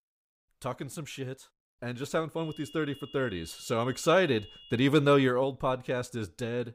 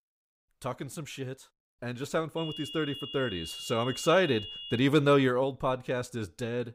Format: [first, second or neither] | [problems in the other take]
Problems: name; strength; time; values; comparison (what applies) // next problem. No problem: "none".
first | high-pitched whine; loud; from 2.5 to 5 s; 3 kHz, 10 dB below the speech; faint in the first